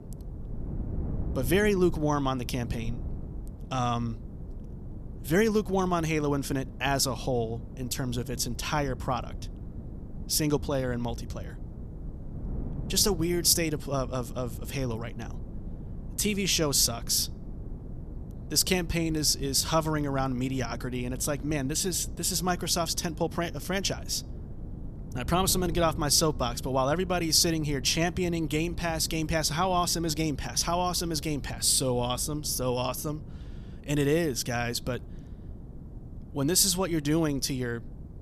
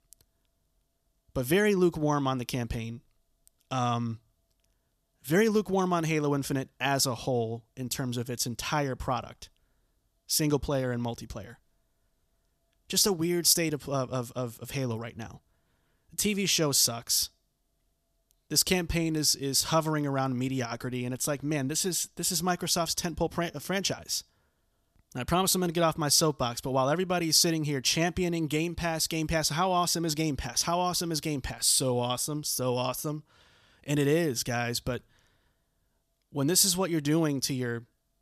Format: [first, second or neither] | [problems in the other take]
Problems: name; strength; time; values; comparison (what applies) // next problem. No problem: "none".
second | wind noise on the microphone; occasional gusts; 20 dB below the speech